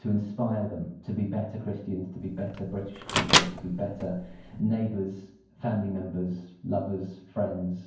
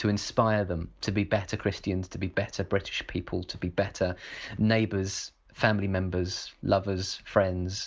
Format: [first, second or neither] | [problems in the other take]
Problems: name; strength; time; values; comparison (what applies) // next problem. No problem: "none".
second | background sound (Microwave oven); 2 dB above the speech // room echo; dies away in 0.9 s